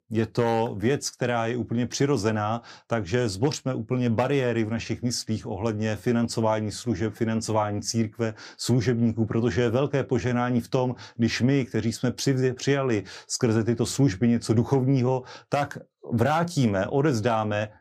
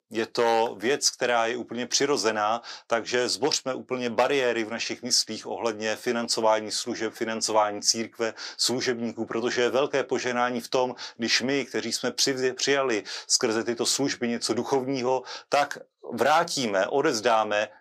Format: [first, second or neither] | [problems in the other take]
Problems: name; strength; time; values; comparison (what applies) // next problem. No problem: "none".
first | thin; somewhat; fading below 450 Hz